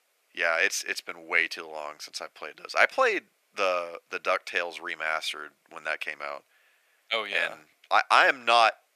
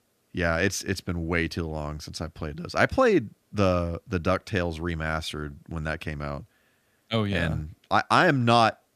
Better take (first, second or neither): second